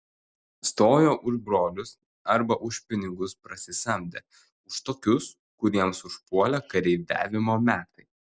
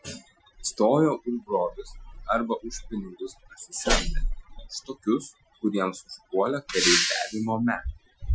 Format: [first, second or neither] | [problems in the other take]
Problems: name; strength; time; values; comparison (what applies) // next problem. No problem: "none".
first | noise reduction (classical method Wiener filter)